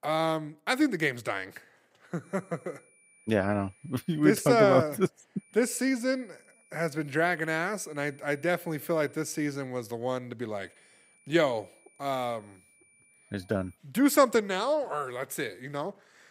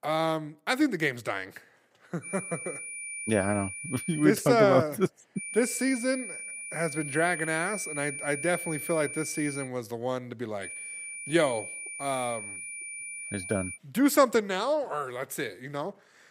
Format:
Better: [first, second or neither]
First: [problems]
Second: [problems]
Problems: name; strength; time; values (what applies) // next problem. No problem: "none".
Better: first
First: high-pitched whine; faint; from 2 to 4.5 s, from 5.5 to 9.5 s and from 11 to 14 s; 2.5 kHz, 30 dB below the speech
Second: high-pitched whine; loud; from 2 to 4.5 s, from 5.5 to 9.5 s and from 11 to 14 s; 2.5 kHz, 8 dB below the speech